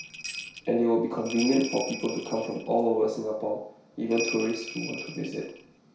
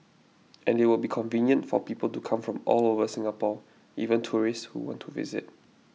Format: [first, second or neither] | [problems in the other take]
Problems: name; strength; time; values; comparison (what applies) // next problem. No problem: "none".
second | background sound (Bell); 12 dB below the speech // room echo; dies away in 0.6 s